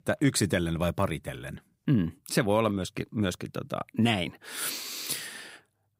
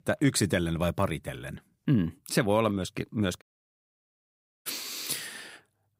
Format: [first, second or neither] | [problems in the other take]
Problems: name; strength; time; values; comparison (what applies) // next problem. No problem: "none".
first | audio cutting out; at 3.5 s for 1 s